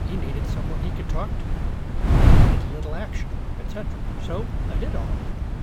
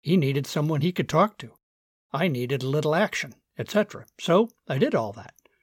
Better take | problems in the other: second | wind noise on the microphone; heavy; 4 dB above the speech

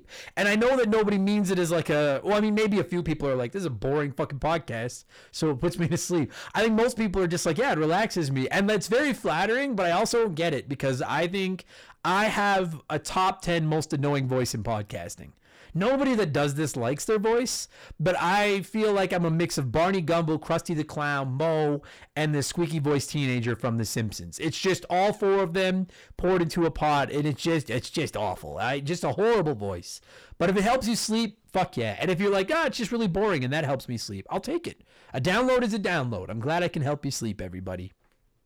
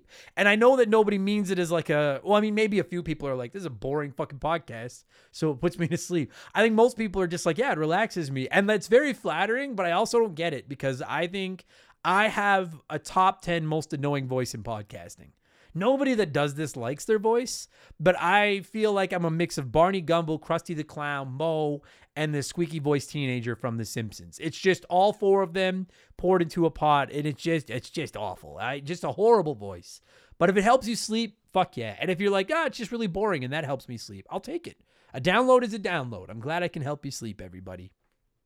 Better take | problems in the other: second | distortion; heavy; 7 dB below the speech

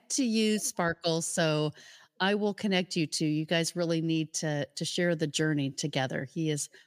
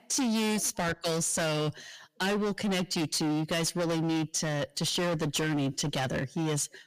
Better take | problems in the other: first | distortion; heavy; 27% of the sound clipped

